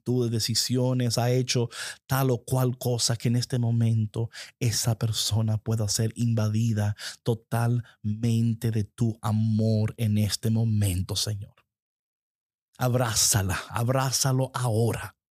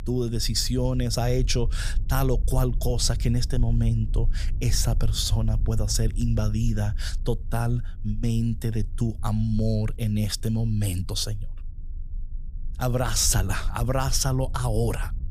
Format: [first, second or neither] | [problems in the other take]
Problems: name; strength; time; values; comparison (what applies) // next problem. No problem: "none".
first | low rumble; faint; throughout; 20 dB below the speech